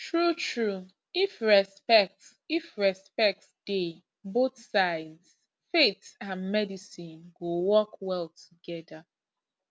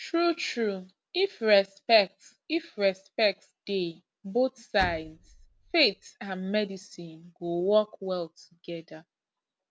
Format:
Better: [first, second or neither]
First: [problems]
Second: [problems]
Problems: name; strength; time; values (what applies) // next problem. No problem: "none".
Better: first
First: none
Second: background sound (Slam); 14 dB below the speech